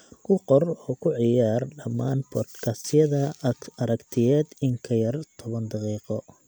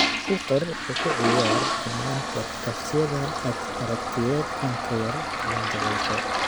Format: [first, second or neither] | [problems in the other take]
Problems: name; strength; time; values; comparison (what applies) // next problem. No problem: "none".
first | background sound (Toilet flush); 1 dB above the speech